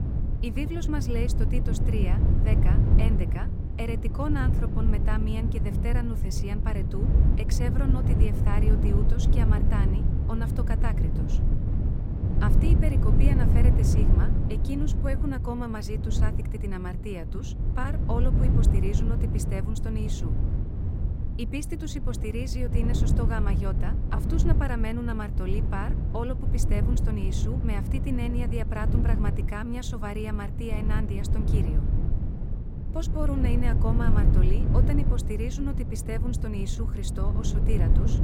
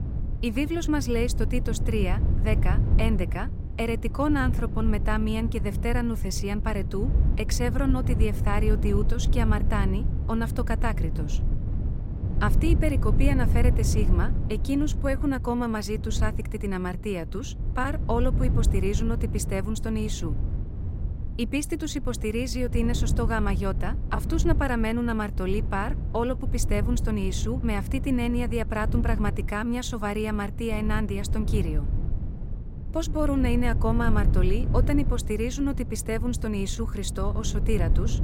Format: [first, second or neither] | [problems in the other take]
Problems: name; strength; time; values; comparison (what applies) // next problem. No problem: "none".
second | wind noise on the microphone; heavy; 2 dB below the speech; occasional gusts in the second